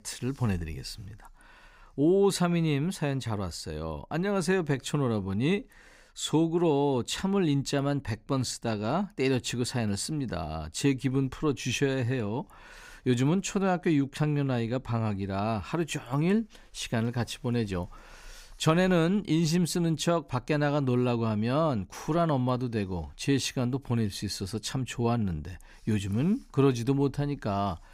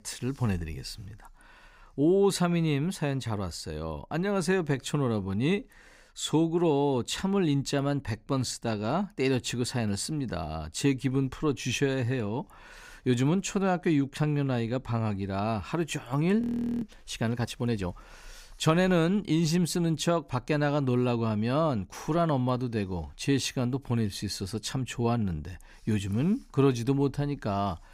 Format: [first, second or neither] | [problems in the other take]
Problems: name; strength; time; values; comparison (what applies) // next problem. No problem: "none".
first | audio freezing; at 16 s